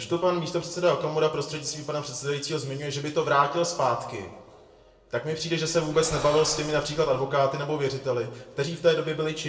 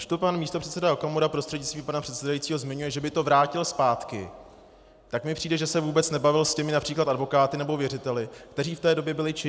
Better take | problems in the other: second | noise reduction (neural separator model SepFormer DNS4)

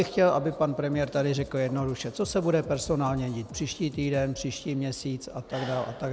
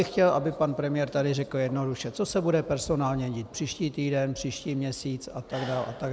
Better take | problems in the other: second | background sound (Drum kit); 18 dB below the speech

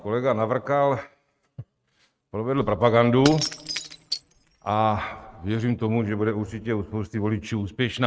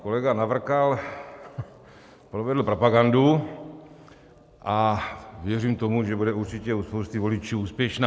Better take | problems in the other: second | noise reduction (neural mask model RNNoise)

